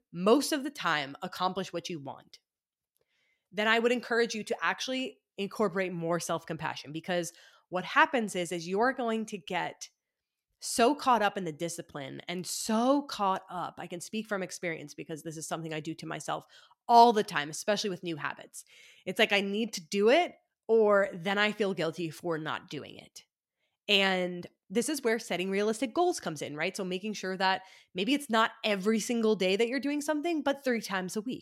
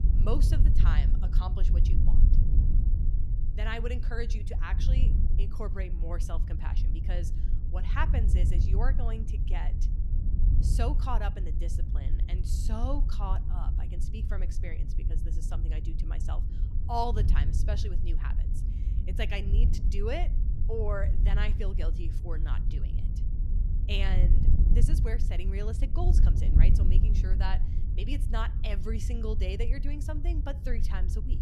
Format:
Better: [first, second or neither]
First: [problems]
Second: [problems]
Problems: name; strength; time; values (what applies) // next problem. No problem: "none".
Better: first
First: none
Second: wind noise on the microphone; heavy; 7 dB below the speech